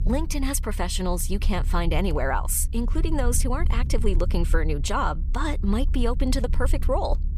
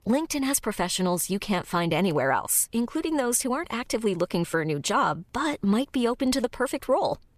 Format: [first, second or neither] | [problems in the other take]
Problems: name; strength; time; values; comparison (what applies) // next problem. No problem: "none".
second | low rumble; noticeable; throughout; 20 dB below the speech